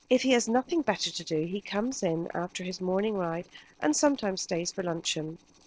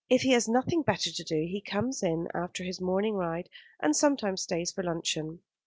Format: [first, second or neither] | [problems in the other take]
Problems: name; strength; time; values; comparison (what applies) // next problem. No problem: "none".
second | noise reduction (neural separator model SepFormer DNS4)